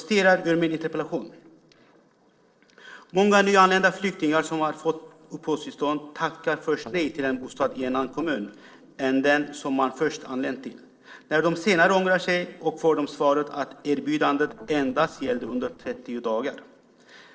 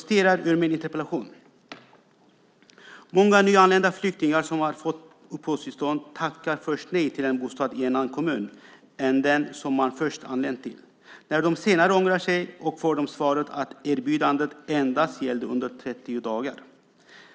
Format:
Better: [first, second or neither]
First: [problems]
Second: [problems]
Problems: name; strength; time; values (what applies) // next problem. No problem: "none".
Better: second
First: noise reduction (neural separator model SepFormer DNS4)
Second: none